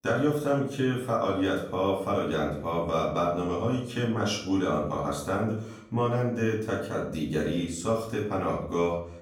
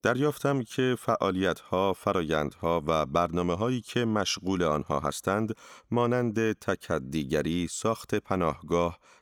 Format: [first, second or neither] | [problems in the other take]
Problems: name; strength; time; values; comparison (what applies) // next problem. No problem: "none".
second | room echo; noticeable; dies away in 0.6 s // off-mic speech; far